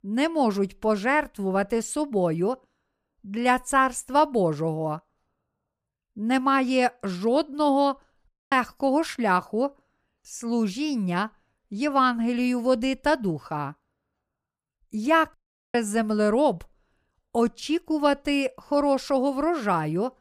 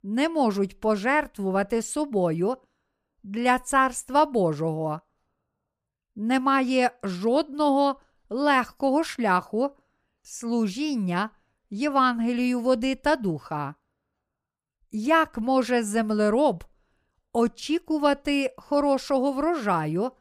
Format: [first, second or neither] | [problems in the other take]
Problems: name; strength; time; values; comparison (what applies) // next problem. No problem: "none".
second | audio cutting out; at 8.5 s and at 15 s